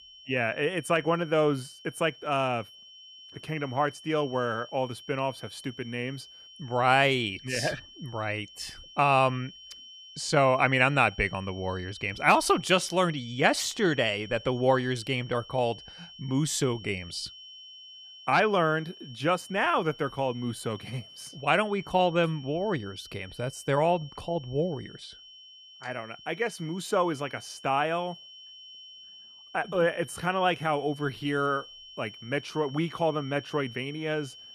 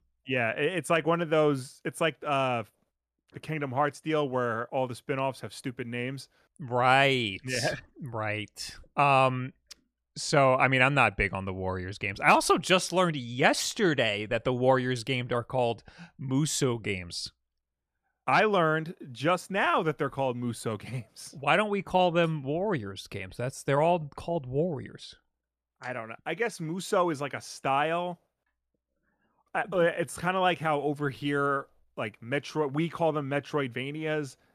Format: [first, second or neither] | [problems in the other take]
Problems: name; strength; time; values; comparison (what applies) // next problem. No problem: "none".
second | high-pitched whine; noticeable; throughout; 3 kHz, 20 dB below the speech